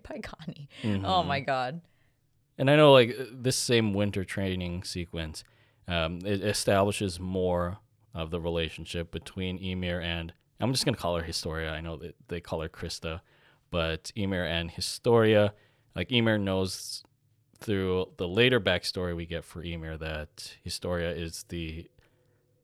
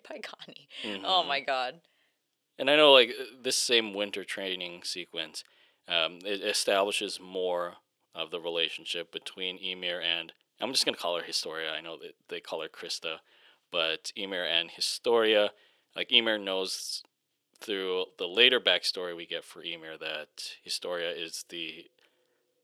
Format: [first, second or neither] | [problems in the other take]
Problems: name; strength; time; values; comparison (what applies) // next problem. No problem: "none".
first | thin; somewhat; fading below 300 Hz